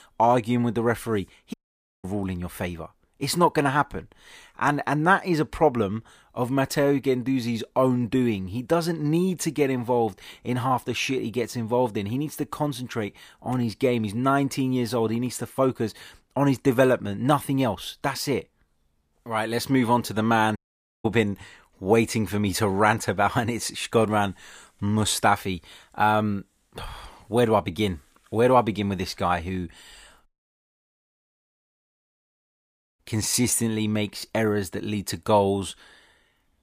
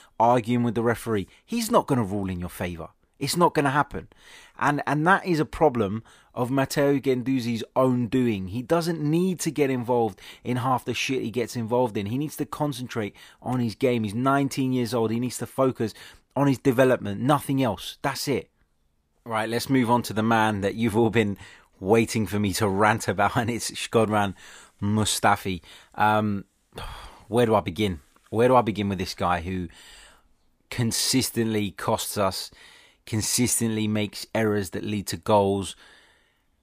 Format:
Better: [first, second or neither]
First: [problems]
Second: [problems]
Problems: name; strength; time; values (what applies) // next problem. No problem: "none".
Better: second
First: audio cutting out; at 1.5 s for 0.5 s, at 21 s and at 30 s for 2.5 s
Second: none